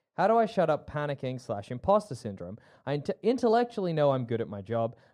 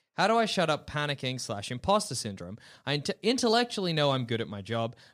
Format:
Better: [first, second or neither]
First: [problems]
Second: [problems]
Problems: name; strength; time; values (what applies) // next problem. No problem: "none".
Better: second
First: muffled; very; fading above 2 kHz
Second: none